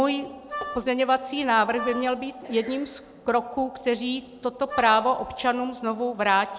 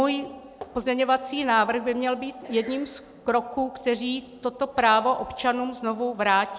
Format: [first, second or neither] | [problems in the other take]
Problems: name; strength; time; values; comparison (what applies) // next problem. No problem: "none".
second | background sound (Wind instrument, woodwind instrument); 11 dB below the speech